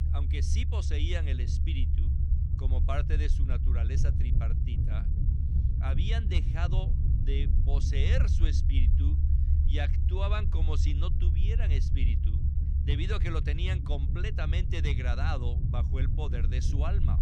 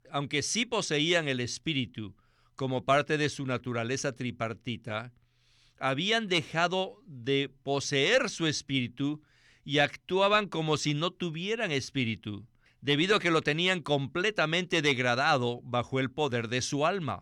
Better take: second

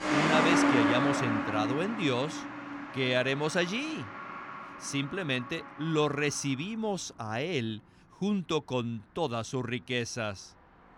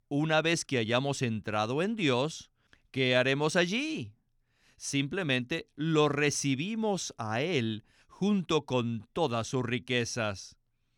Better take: second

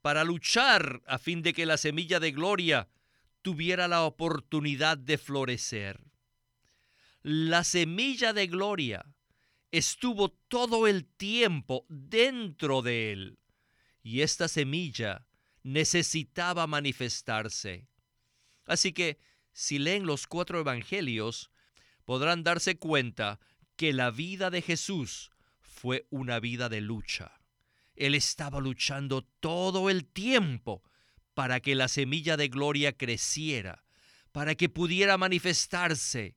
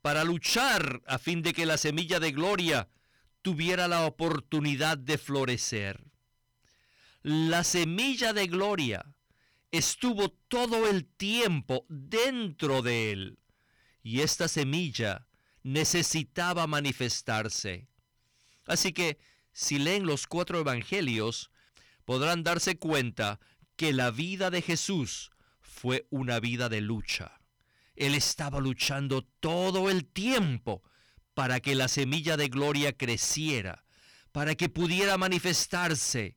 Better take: first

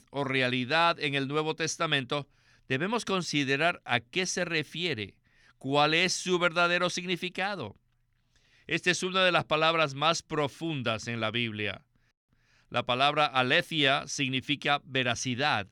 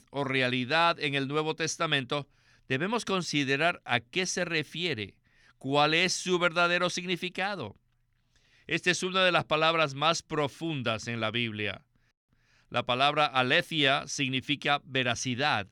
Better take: neither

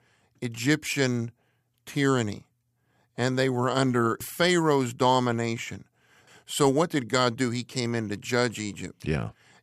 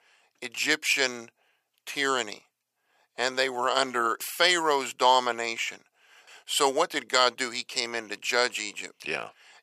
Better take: first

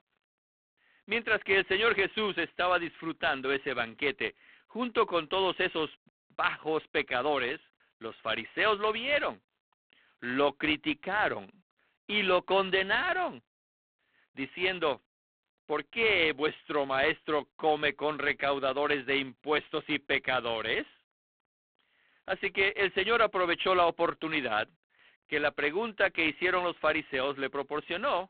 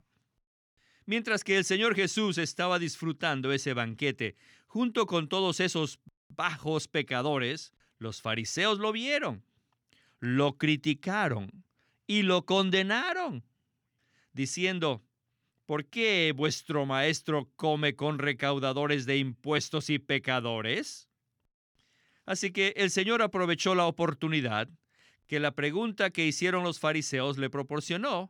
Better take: second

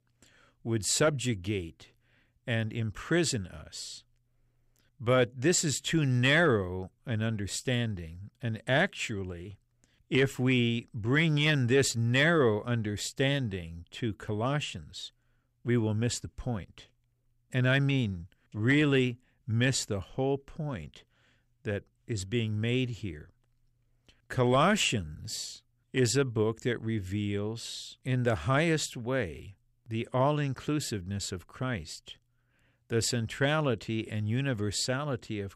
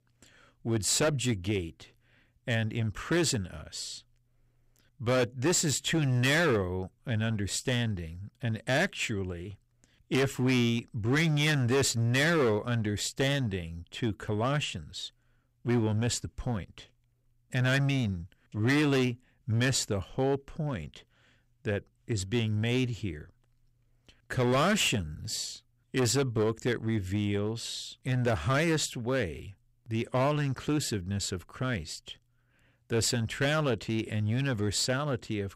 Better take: first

